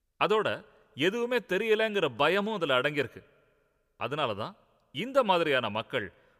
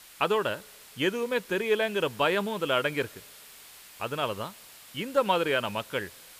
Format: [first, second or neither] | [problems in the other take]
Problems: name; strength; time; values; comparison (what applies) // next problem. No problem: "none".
first | hiss; noticeable; throughout; 20 dB below the speech